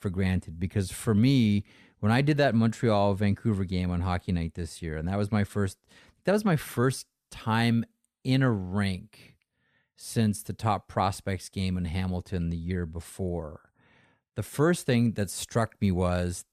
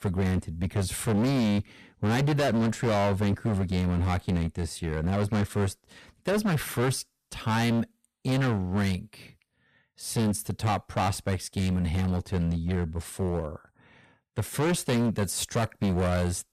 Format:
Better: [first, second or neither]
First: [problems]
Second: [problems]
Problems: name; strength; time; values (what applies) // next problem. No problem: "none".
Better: first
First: none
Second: distortion; heavy; 18% of the sound clipped